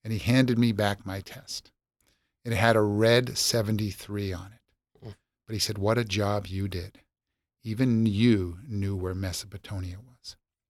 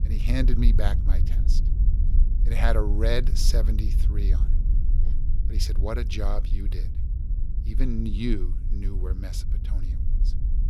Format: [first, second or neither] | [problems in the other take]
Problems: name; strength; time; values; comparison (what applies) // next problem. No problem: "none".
first | low rumble; noticeable; throughout; 10 dB below the speech